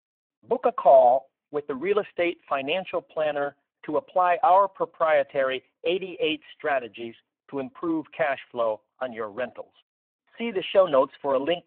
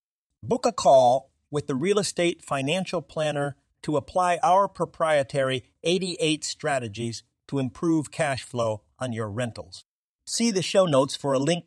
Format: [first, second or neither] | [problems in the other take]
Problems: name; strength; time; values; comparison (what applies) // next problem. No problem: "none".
second | phone-call audio